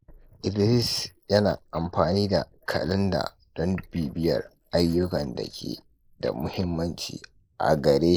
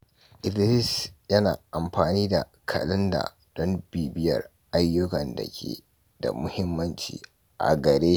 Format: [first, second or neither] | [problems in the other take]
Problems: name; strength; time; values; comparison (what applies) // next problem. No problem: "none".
second | noise reduction (neural mask model Resemble Enhance denoiser)